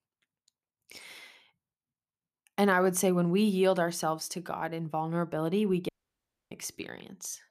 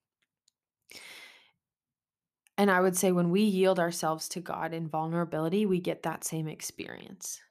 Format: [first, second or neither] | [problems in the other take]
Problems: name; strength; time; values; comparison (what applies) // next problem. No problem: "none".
second | audio cutting out; at 6 s for 0.5 s